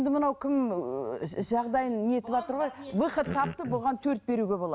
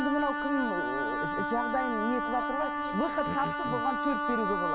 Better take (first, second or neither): first